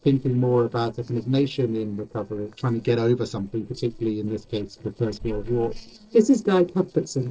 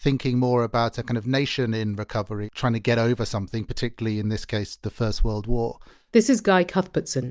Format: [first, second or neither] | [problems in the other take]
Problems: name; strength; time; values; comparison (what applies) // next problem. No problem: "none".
second | noise reduction (neural separator model SepFormer DNS4)